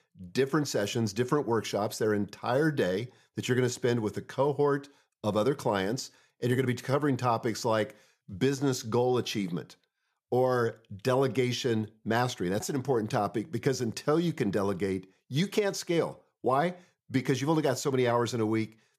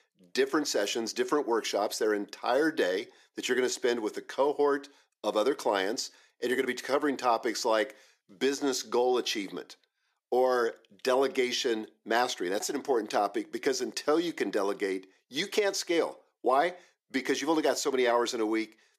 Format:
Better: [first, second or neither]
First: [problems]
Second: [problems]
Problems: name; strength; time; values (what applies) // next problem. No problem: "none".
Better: first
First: none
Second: thin; somewhat; fading below 300 Hz